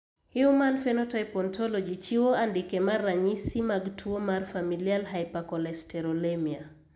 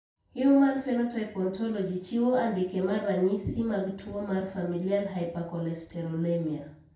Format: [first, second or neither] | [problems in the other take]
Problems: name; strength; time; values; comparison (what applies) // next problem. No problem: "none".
first | room echo; dies away in 0.3 s